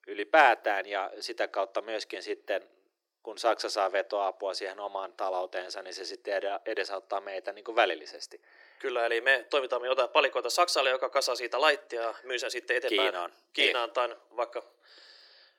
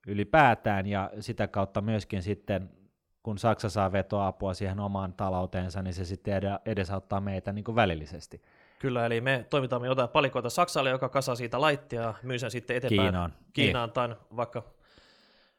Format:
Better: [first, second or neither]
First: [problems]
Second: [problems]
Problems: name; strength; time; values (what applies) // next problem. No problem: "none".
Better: second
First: thin; very; fading below 350 Hz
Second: none